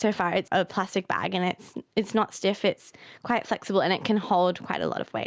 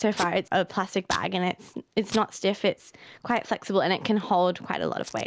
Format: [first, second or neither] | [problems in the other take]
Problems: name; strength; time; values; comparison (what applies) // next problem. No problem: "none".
first | background sound (Packing tape, duct tape); 17 dB below the speech